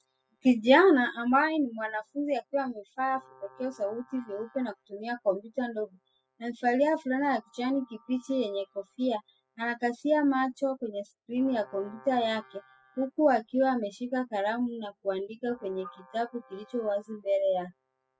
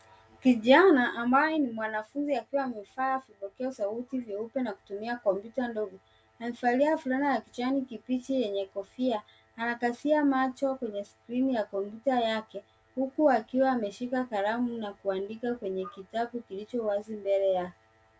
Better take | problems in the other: second | noise reduction (classical method spectral subtraction)

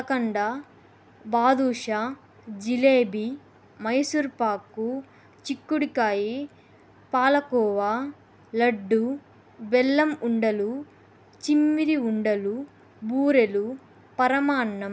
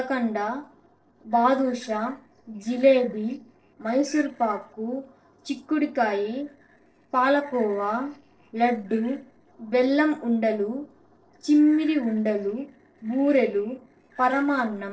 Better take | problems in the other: first | noise reduction (neural separator model SepFormer DNS4)

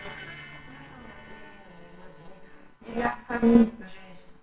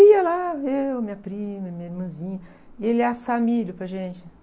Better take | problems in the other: second | noise reduction (neural separator model SepFormer WHAMR!)

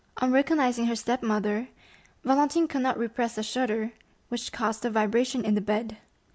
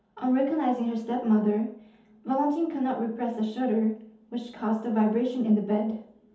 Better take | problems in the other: first | room echo; dies away in 0.6 s

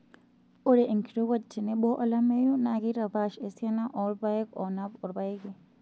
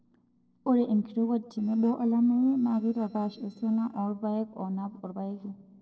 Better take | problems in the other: first | noise reduction (neural separator model SepFormer DNS4)

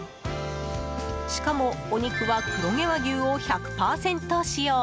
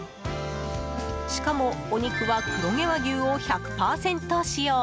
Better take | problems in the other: first | background sound (Wind instrument, woodwind instrument); 18 dB below the speech

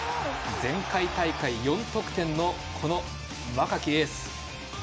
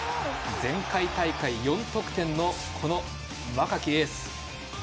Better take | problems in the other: first | background sound (Fireworks); 19 dB below the speech

